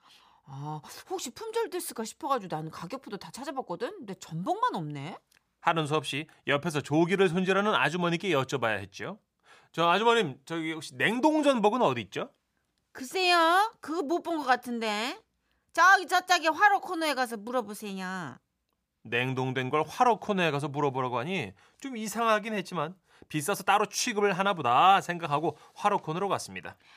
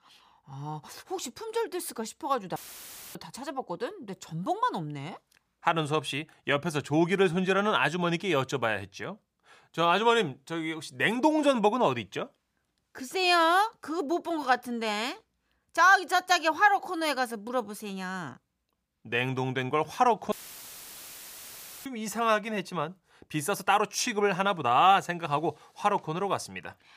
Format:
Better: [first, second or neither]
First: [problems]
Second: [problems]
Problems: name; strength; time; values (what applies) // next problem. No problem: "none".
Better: first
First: none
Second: audio cutting out; filled with static; at 2.5 s for 0.5 s and at 20 s for 1.5 s